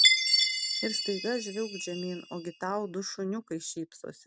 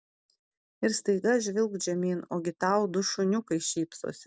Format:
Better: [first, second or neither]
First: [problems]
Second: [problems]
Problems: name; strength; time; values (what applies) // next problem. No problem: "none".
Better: second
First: background sound (Chime); 5 dB above the speech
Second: none